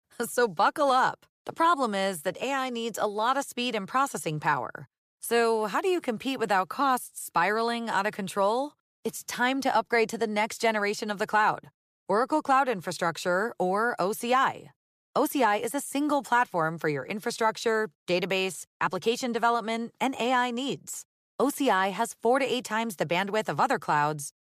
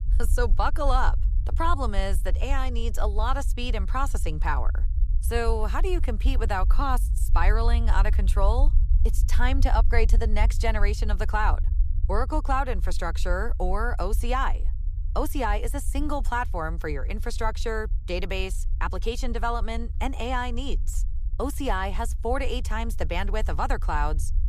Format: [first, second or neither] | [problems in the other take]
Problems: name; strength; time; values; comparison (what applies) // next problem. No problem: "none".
first | low rumble; faint; throughout; 20 dB below the speech